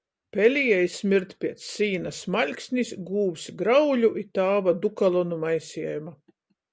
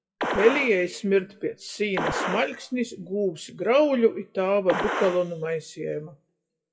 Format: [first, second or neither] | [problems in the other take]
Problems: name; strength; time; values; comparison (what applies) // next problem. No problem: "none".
first | noise reduction (classical method WPE with log-MMSE)